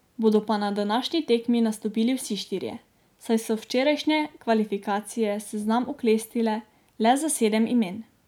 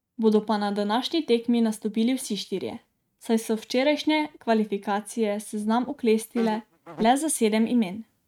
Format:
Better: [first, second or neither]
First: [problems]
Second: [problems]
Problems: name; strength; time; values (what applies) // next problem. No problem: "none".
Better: first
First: none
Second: noise reduction (neural mask model RNNoise)